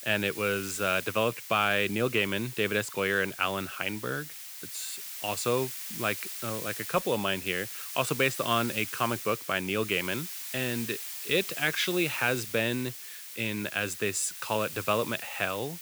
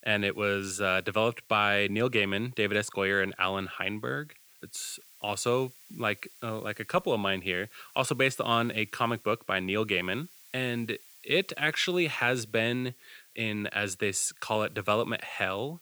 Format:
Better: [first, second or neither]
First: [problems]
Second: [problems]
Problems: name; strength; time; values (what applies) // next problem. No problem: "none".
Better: second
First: hiss; loud; throughout; 8 dB below the speech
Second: hiss; faint; throughout; 25 dB below the speech